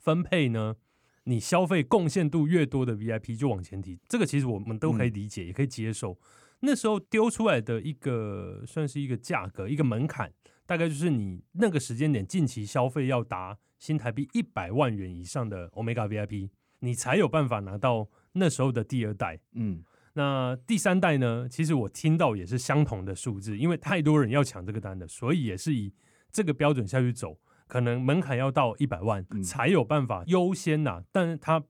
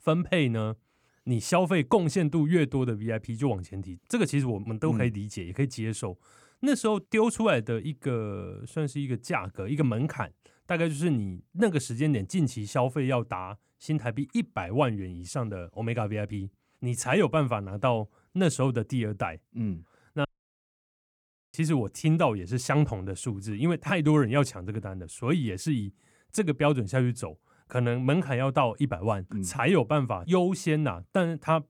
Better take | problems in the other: first | audio cutting out; at 20 s for 1.5 s

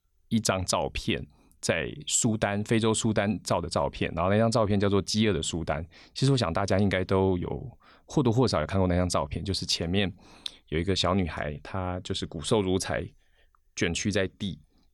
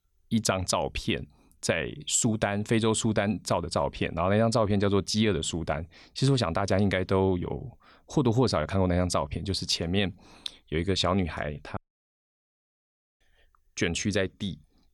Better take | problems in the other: first | audio cutting out; at 12 s for 1.5 s

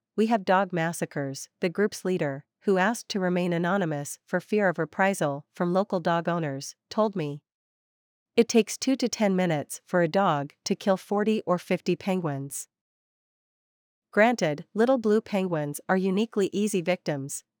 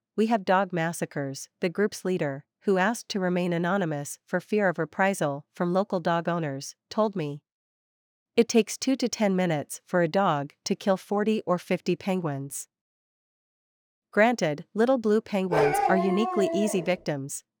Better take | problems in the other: first | dog barking; loud; from 16 to 17 s; peak 4 dB above the speech

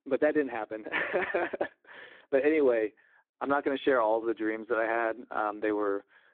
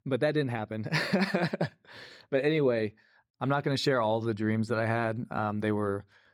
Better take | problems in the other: second | phone-call audio; nothing above 3.5 kHz

